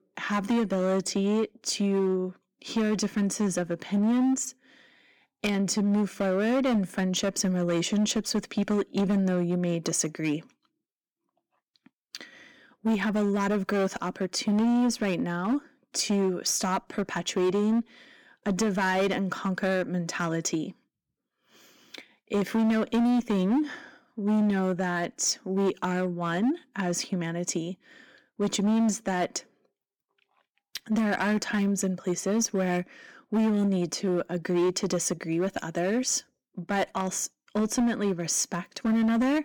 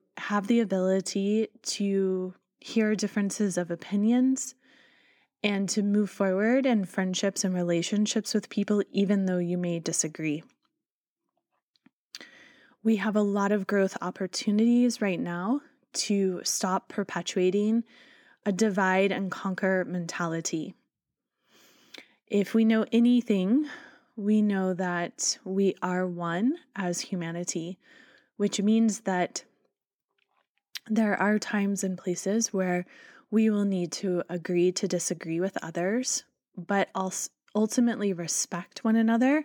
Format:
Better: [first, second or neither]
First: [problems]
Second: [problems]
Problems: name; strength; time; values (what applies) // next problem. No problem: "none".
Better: second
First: distortion; slight; 11% of the sound clipped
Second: none